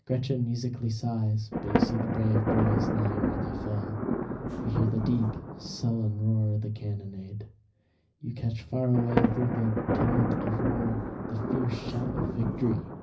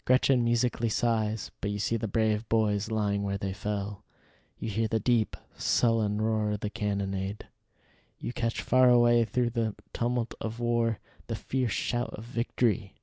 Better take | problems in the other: second | background sound (Thunder); 2 dB below the speech // room echo; dies away in 0.4 s

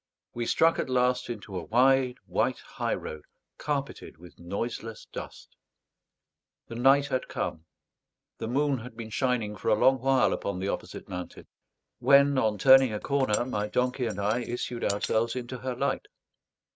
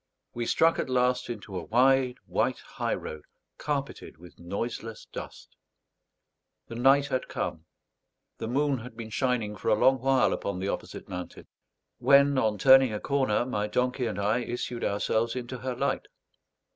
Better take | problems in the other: second | noise reduction (neural mask model RNNoise)

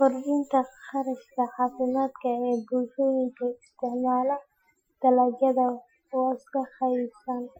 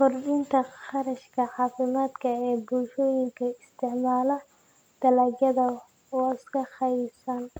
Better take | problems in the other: second | noise reduction (classical method Wiener filter)

